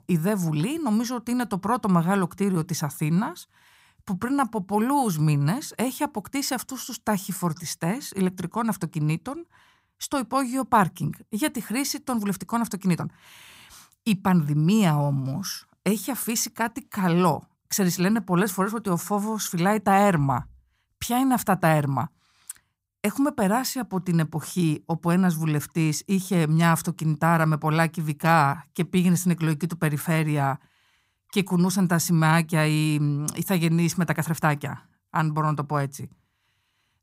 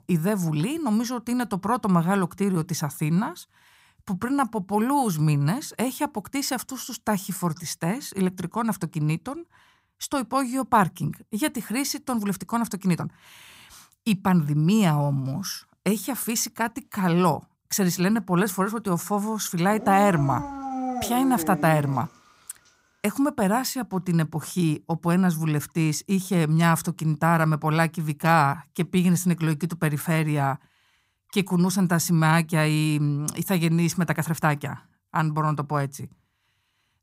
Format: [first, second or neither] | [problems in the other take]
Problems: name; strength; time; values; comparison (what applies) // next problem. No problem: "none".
first | dog barking; noticeable; from 20 to 22 s; peak 5 dB below the speech